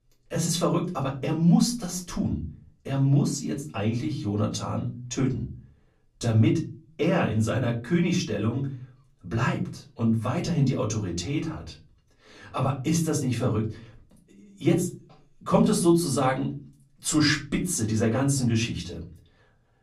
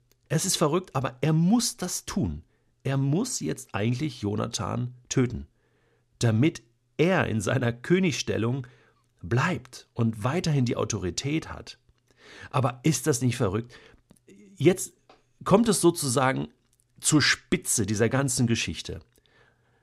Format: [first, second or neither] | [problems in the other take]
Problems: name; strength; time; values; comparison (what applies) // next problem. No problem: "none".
second | off-mic speech; far // room echo; very slight; dies away in 0.4 s